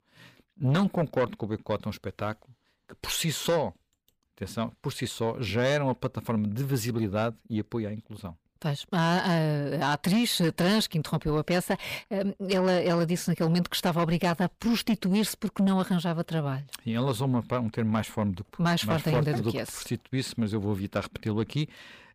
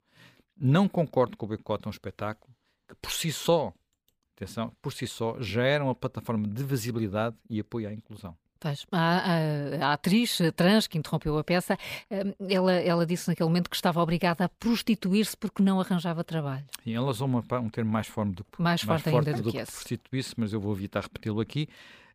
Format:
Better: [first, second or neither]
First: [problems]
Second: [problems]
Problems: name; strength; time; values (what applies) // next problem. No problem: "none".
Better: second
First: distortion; slight; 10 dB below the speech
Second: none